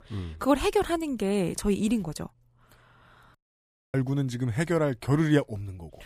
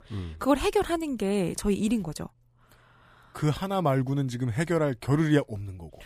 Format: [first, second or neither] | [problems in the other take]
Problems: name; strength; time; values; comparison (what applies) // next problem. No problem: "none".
second | audio cutting out; at 3.5 s for 0.5 s